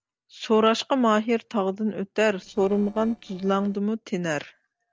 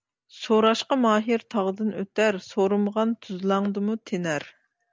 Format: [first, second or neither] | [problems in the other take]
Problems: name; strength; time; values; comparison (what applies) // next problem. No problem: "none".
second | noise reduction (neural separator model SepFormer DNS4)